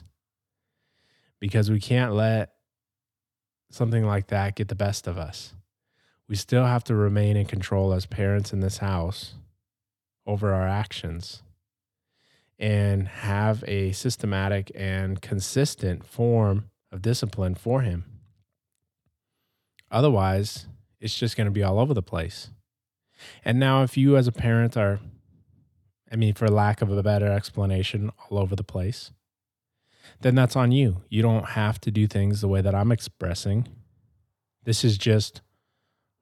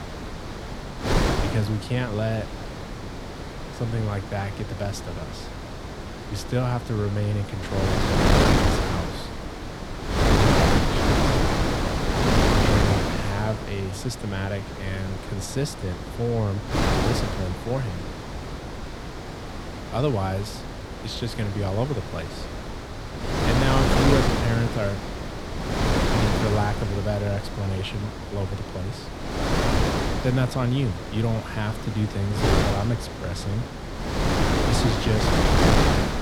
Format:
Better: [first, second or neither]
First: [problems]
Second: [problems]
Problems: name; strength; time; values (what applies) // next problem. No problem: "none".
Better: first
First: none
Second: wind noise on the microphone; heavy; 4 dB above the speech